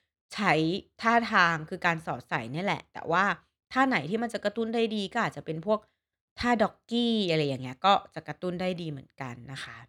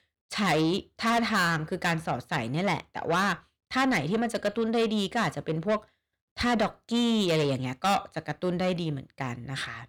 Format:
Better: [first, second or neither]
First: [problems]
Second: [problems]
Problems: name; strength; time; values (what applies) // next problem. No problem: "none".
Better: first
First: none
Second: distortion; heavy; 6 dB below the speech